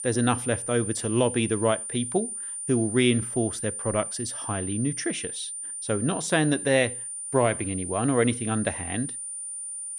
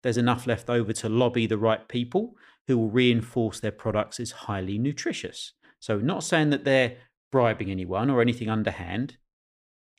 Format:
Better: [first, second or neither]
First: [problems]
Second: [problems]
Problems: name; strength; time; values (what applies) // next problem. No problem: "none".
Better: second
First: high-pitched whine; loud; throughout; 9 kHz, 6 dB below the speech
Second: none